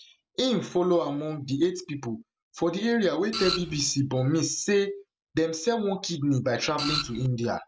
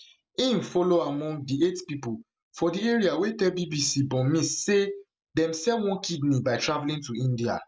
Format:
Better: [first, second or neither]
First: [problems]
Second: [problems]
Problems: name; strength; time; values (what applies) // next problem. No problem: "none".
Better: second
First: background sound (Printer); 4 dB below the speech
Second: none